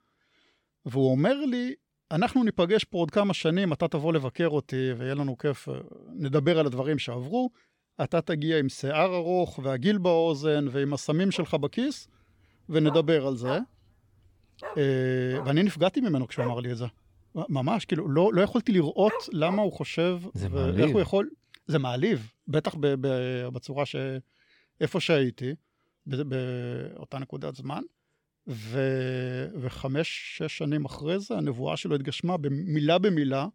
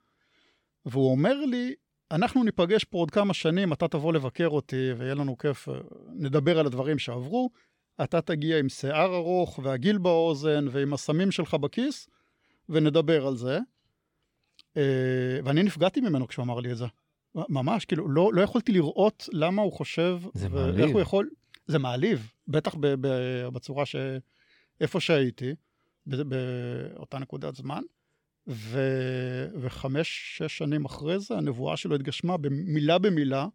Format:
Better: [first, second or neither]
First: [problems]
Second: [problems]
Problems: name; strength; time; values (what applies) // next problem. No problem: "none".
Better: second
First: dog barking; noticeable; from 11 to 20 s; peak 8 dB below the speech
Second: none